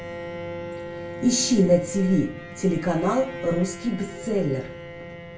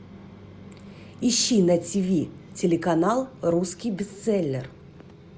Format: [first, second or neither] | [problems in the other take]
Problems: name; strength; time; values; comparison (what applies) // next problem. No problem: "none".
second | background sound (Bowed string instrument); 12 dB below the speech // room echo; dies away in 0.3 s